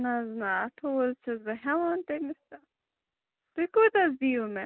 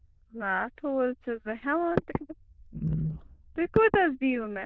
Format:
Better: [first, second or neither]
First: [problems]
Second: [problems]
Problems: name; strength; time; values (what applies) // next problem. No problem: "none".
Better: first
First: none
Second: noise reduction (neural diffusion model UNIVERSE++)